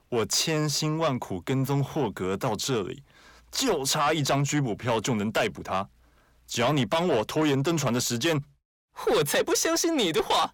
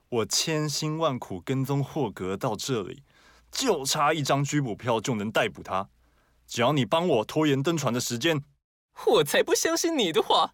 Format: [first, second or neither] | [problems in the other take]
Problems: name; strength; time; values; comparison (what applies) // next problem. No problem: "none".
second | distortion; slight; 10 dB below the speech